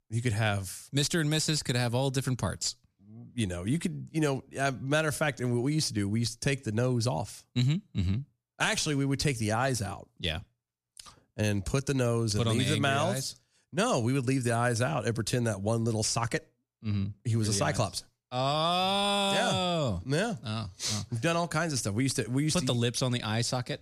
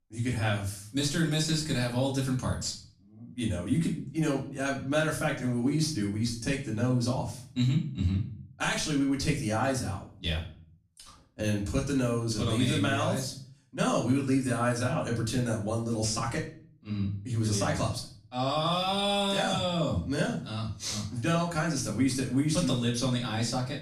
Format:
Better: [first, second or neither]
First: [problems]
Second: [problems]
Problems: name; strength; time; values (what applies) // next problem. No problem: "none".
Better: first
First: none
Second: room echo; slight; dies away in 0.4 s // off-mic speech; far